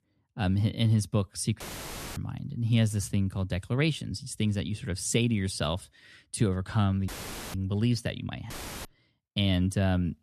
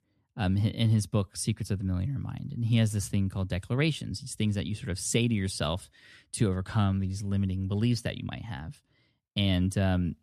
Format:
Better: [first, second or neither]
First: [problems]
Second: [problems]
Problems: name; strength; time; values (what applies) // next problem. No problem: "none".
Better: second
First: audio cutting out; filled with static; at 1.5 s for 0.5 s, at 7 s and at 8.5 s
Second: none